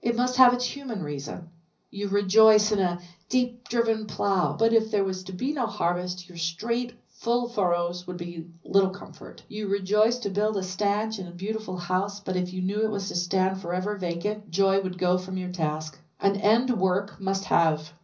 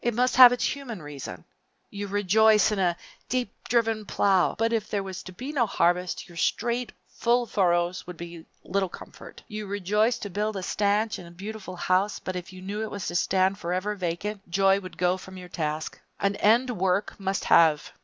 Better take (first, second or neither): second